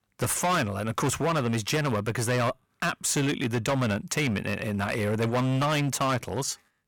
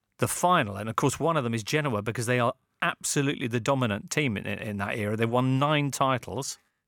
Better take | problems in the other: second | distortion; heavy; 17% of the sound clipped

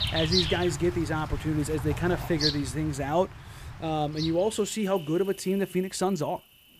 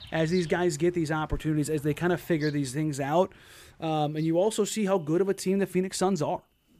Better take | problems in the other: second | animal sounds; loud; throughout; 3 dB below the speech; faint in the second

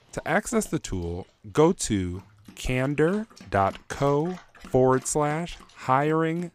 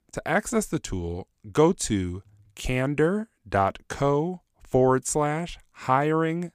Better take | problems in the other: second | animal sounds; faint; throughout; 25 dB below the speech

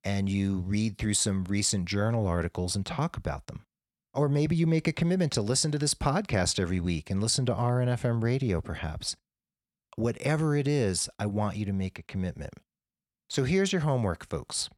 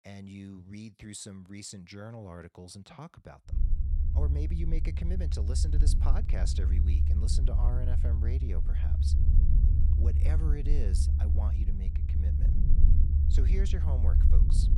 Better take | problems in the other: first | low rumble; loud; from 3.5 s on; 1 dB below the speech

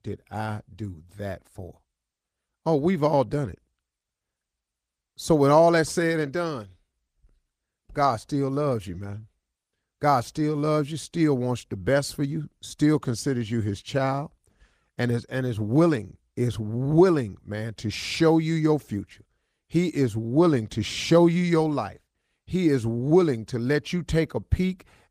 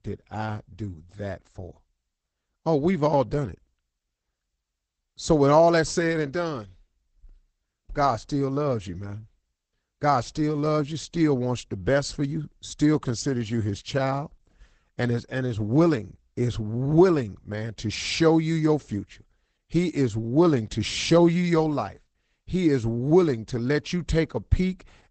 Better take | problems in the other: first | garbled, watery; badly; nothing above 8 kHz; slightly in the first

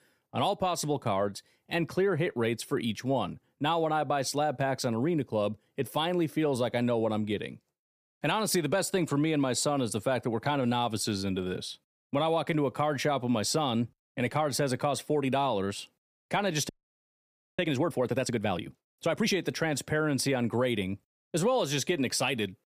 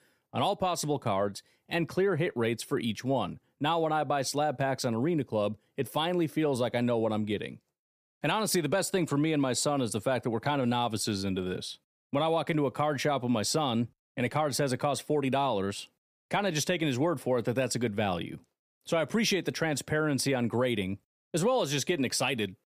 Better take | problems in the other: second | audio freezing; at 17 s for 1 s

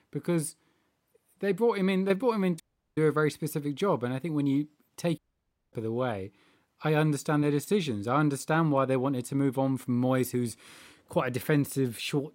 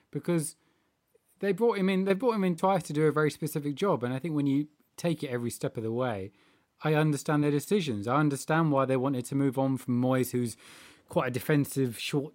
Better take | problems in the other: second | audio cutting out; at 2.5 s and at 5 s for 0.5 s

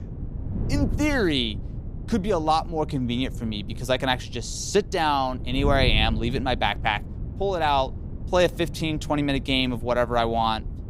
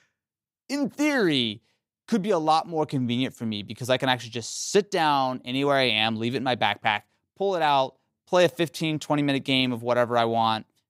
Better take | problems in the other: second | wind noise on the microphone; occasional gusts; 20 dB below the speech

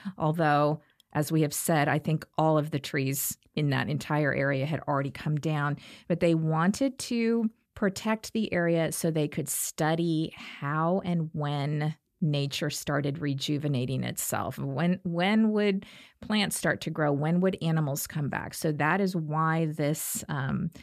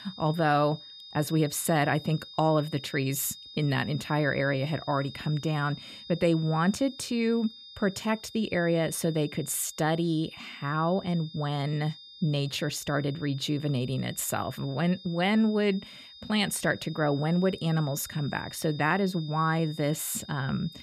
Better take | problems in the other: first | high-pitched whine; noticeable; throughout; 3.5 kHz, 15 dB below the speech

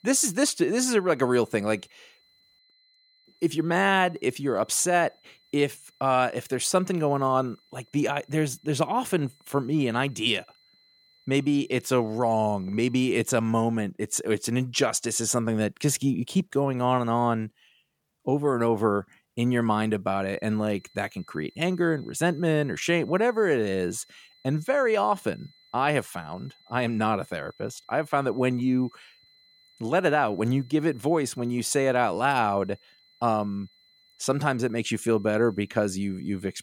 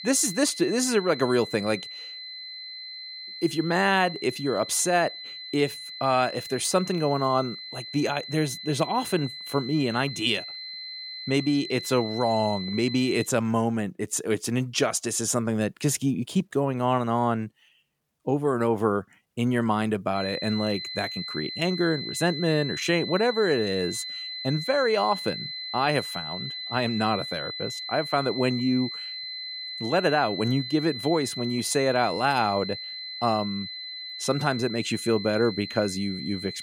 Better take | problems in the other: first | high-pitched whine; loud; until 13 s and from 20 s on; 4 kHz, 8 dB below the speech; faint in the first

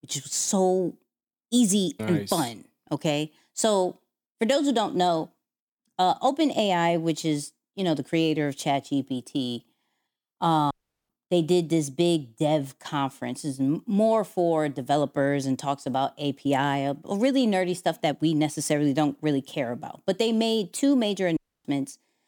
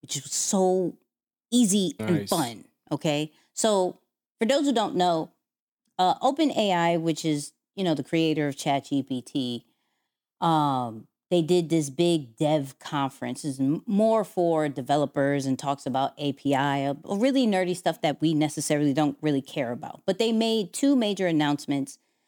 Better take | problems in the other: second | audio cutting out; at 11 s and at 21 s

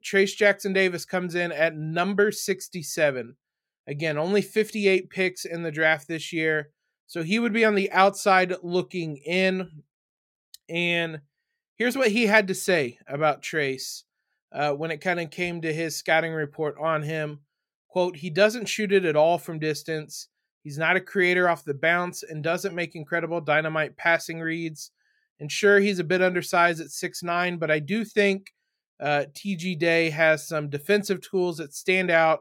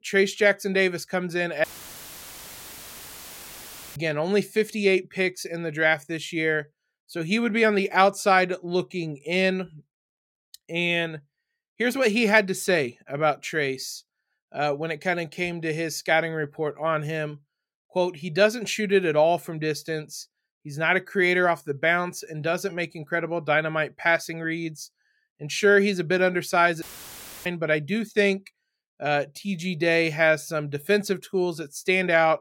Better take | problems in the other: first | audio cutting out; filled with static; at 1.5 s for 2.5 s and at 27 s for 0.5 s

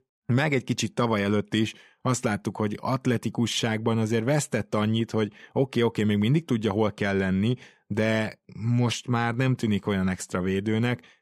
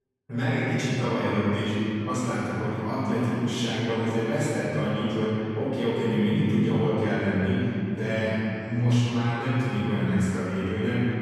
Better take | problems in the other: first | off-mic speech; far // room echo; strong; dies away in 2.8 s

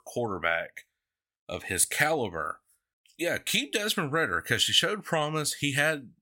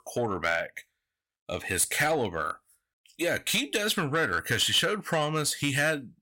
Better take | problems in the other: first | distortion; slight; 10 dB below the speech

